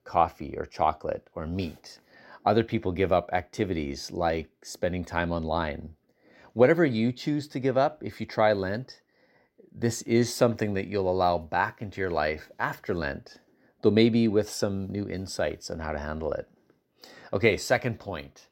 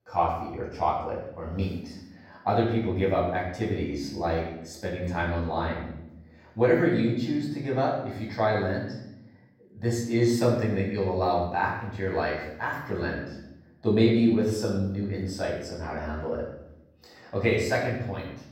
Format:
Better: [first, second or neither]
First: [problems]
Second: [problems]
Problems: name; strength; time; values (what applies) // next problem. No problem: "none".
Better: first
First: none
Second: off-mic speech; far // room echo; noticeable; dies away in 0.8 s